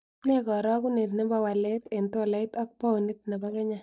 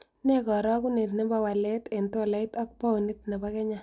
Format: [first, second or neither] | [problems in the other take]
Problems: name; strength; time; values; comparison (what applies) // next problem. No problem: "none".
second | noise reduction (neural mask model DeepFilterNet 3)